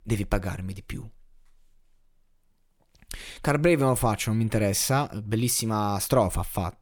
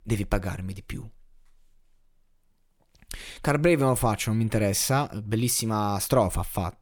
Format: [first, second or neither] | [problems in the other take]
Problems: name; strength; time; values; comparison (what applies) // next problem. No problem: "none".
neither | none